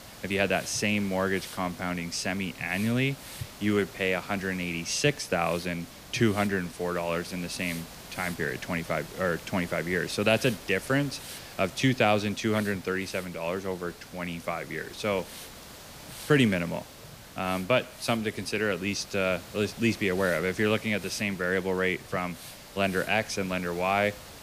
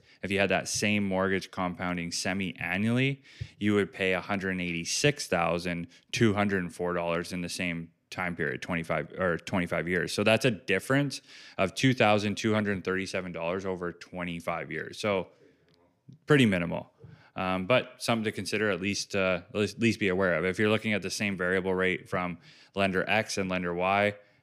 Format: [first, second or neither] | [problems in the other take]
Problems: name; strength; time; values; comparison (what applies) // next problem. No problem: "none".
second | hiss; noticeable; throughout; 15 dB below the speech